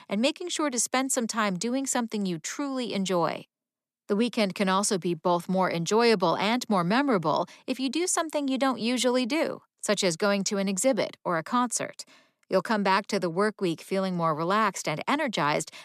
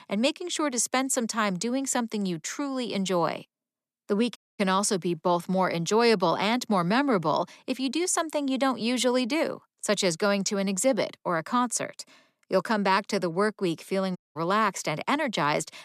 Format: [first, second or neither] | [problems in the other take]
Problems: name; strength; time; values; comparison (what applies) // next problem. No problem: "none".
first | audio cutting out; at 4.5 s and at 14 s